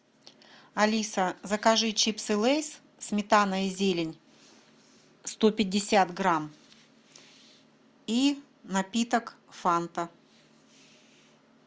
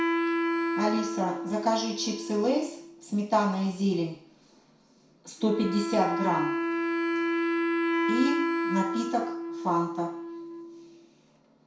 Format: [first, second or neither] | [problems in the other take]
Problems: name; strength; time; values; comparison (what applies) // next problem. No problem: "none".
first | background sound (Wind instrument, woodwind instrument); 1 dB below the speech // room echo; dies away in 0.6 s